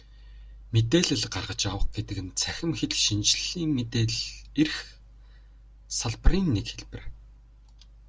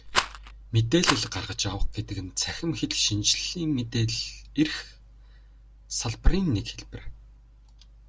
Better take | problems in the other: first | background sound (Rattle); 2 dB below the speech

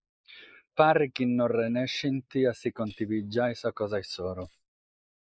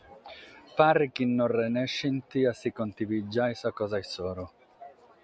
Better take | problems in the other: second | noise reduction (neural mask model Resemble Enhance denoiser)

